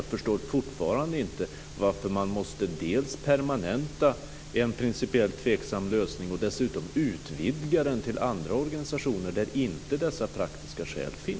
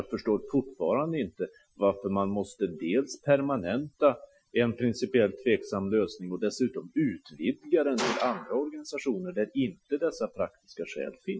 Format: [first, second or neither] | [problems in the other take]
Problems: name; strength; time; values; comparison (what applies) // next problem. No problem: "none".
first | noise reduction (classical method Wiener filter)